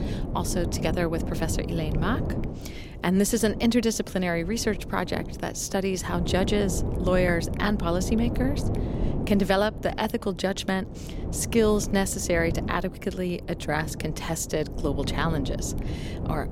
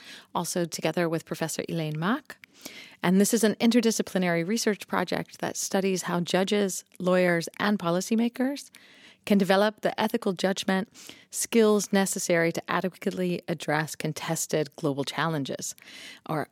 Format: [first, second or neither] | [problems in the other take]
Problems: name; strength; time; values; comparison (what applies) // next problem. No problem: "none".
second | wind noise on the microphone; occasional gusts; 10 dB below the speech